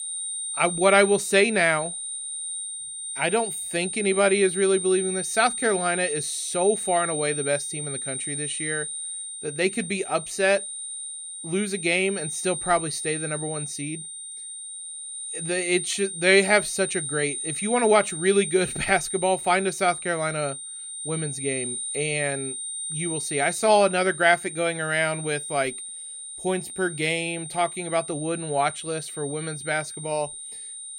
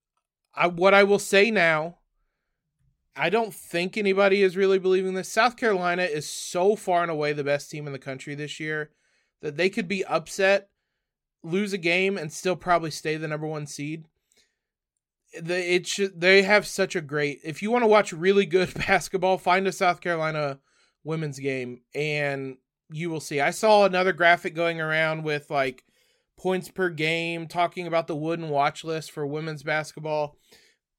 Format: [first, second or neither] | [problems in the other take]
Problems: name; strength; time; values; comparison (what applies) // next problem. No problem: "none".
second | high-pitched whine; loud; throughout; 9 kHz, 6 dB below the speech